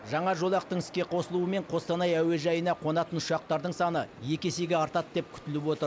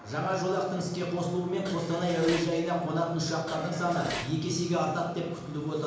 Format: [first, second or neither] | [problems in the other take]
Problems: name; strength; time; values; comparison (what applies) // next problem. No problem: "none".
first | background sound (Dishes, pots, and pans); 12 dB below the speech // room echo; dies away in 1 s